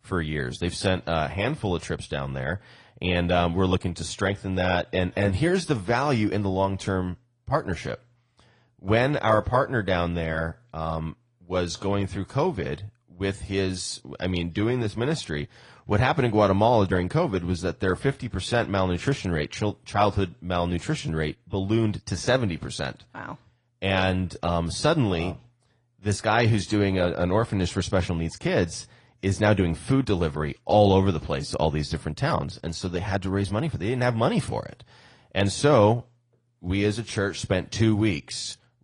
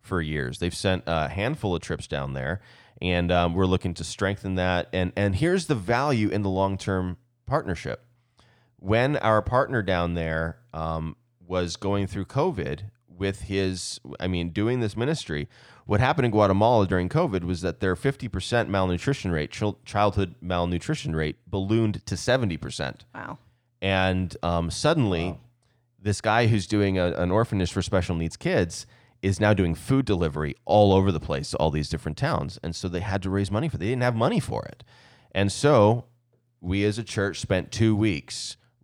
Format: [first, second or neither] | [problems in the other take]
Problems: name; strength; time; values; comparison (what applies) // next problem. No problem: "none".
second | garbled, watery; slightly; nothing above 10 kHz